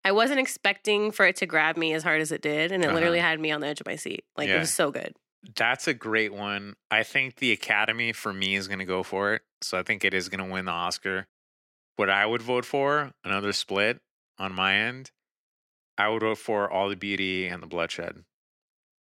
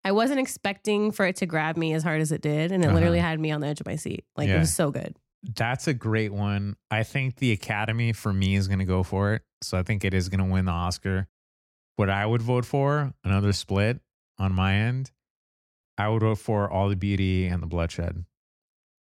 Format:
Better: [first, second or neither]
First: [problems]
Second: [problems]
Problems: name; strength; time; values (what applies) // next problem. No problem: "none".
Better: second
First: thin; somewhat; fading below 350 Hz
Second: none